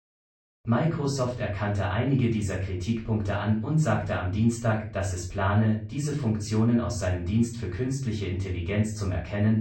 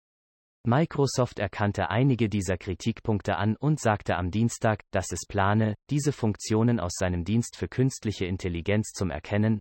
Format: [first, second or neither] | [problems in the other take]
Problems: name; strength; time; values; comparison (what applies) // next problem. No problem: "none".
second | off-mic speech; far // room echo; slight; dies away in 0.4 s